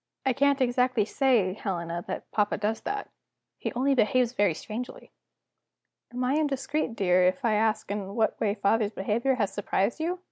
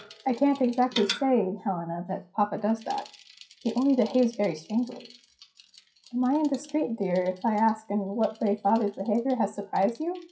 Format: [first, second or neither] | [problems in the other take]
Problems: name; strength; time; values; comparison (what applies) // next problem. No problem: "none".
first | noise reduction (classical method WPE with log-MMSE)